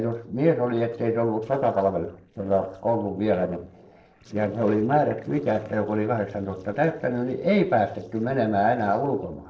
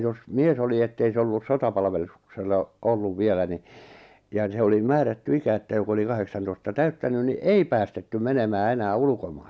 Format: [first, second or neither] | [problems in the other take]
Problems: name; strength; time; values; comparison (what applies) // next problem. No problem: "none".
second | noise reduction (neural separator model SepFormer DNS4)